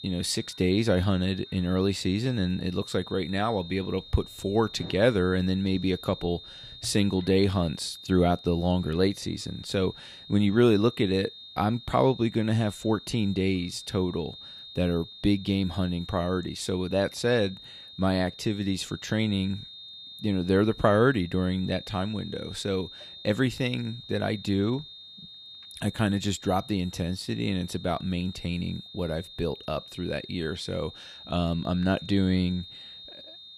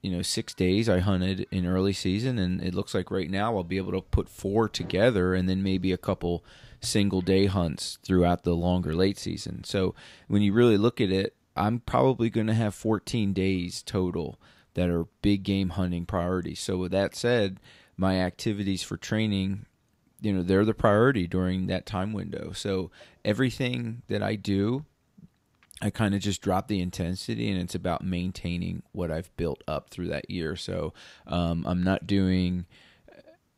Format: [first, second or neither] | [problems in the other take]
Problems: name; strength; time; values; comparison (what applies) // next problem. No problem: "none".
second | high-pitched whine; noticeable; throughout; 3.5 kHz, 15 dB below the speech